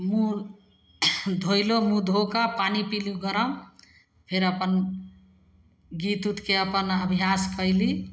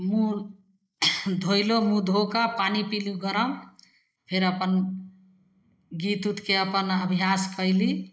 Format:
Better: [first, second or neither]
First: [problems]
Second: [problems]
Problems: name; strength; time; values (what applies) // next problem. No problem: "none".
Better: first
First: none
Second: noise reduction (neural mask model Resemble Enhance denoiser)